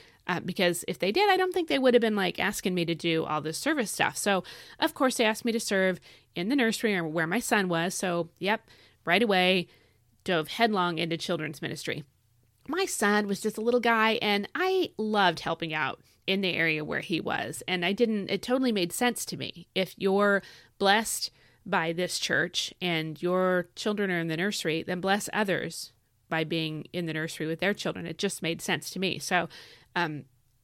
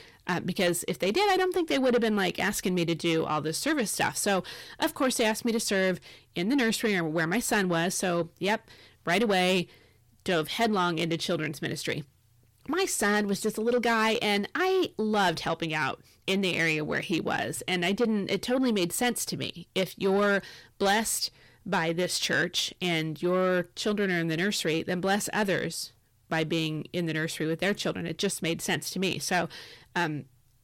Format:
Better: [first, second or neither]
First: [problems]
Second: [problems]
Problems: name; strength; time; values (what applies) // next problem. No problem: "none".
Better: first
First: none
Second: distortion; slight; 10 dB below the speech